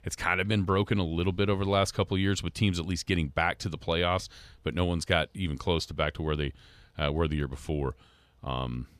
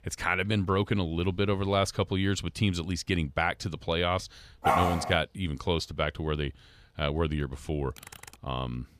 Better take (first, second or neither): first